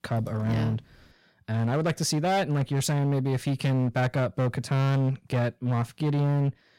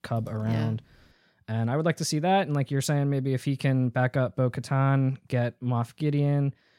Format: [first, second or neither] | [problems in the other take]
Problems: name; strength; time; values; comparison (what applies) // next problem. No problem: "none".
second | distortion; slight; 17% of the sound clipped